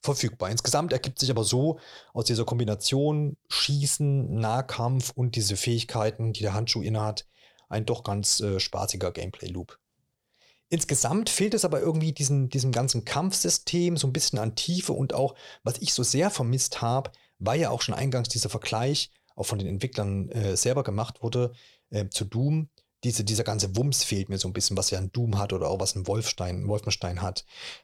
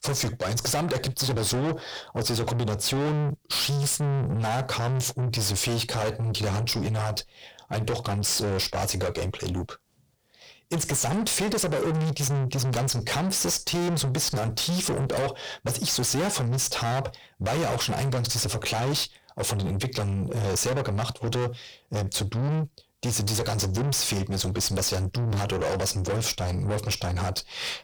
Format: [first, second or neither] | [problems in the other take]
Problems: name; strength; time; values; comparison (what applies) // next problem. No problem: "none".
first | distortion; heavy; 6 dB below the speech